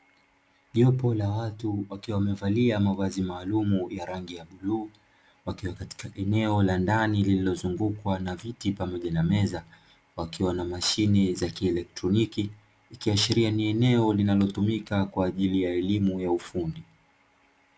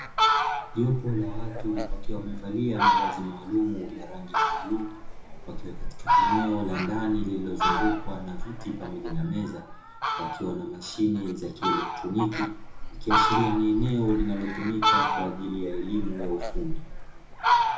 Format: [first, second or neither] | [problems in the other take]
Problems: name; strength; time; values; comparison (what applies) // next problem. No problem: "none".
first | background sound (Fowl); 2 dB above the speech // room echo; dies away in 0.6 s